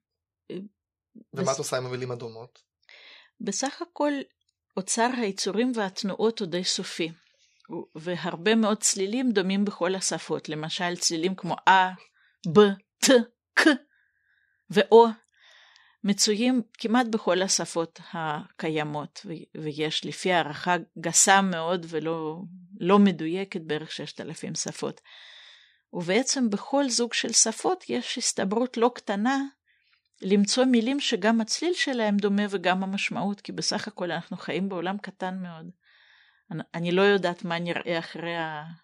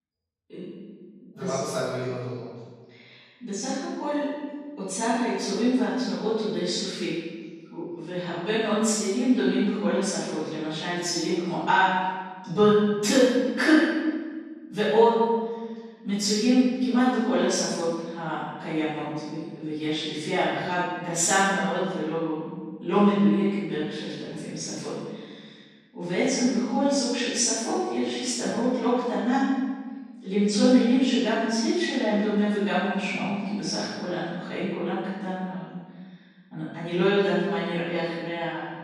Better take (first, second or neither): first